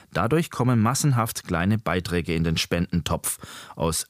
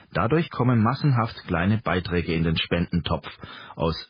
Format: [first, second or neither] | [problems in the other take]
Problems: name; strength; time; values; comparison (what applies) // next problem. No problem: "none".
first | garbled, watery; badly; nothing above 5 kHz